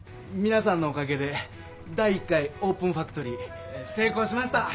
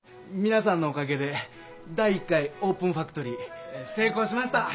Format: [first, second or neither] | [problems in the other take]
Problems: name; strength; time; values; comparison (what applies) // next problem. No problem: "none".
second | background sound (Idling / Engine starting / Motorcycle / Accelerating, revving, vroom); 18 dB below the speech